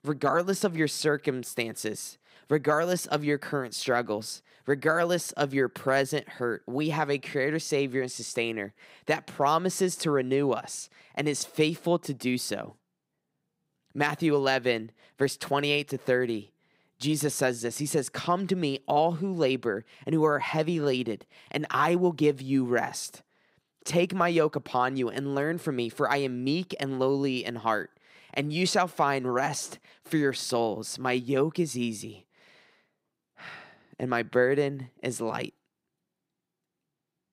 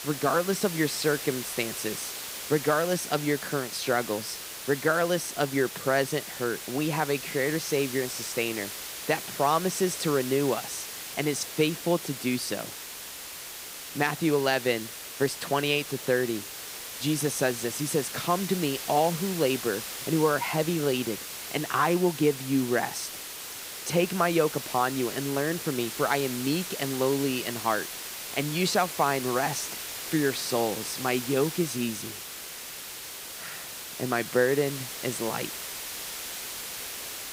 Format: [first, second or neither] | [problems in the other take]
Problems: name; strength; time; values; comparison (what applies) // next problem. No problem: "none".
first | hiss; loud; throughout; 7 dB below the speech